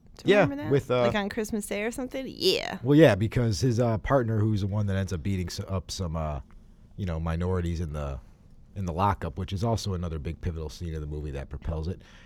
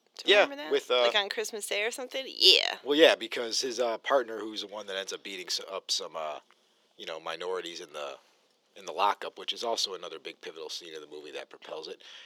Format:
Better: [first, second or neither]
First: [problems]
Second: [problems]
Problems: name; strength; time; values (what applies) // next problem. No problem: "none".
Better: first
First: none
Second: thin; very; fading below 400 Hz